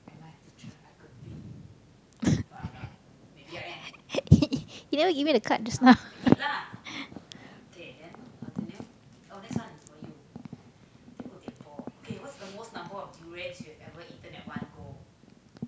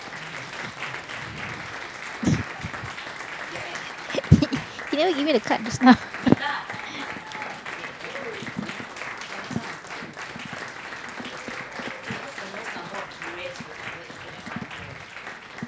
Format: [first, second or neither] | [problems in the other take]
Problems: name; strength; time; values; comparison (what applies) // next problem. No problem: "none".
first | background sound (Applause); 8 dB below the speech